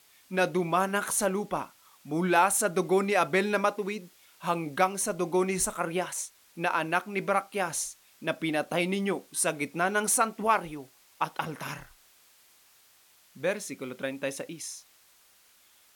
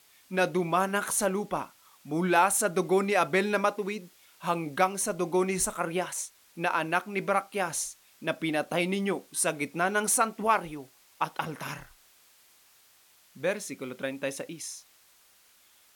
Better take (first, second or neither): neither